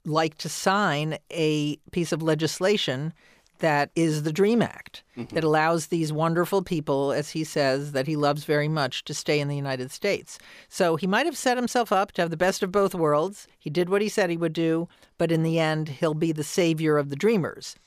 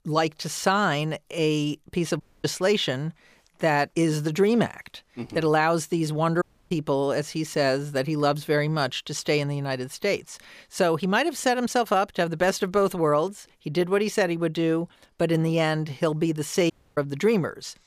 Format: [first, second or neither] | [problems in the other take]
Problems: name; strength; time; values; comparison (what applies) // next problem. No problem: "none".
first | audio cutting out; at 2 s, at 6.5 s and at 17 s